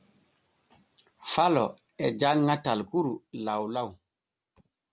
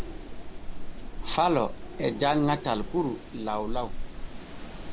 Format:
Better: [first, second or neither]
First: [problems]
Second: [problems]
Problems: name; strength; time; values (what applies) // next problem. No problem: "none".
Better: first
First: none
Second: background sound (Wind); 4 dB below the speech